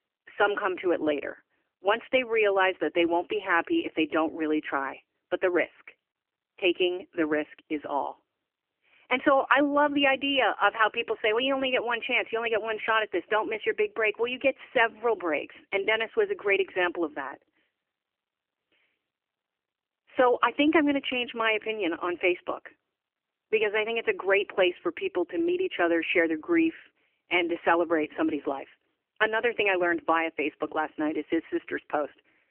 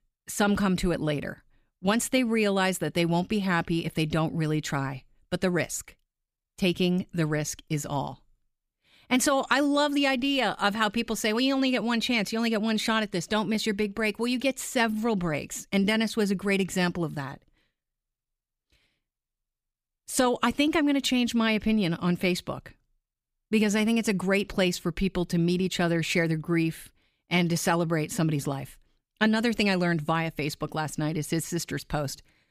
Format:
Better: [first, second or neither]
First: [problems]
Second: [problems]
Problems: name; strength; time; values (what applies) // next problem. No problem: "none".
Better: second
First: phone-call audio; nothing above 3 kHz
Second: none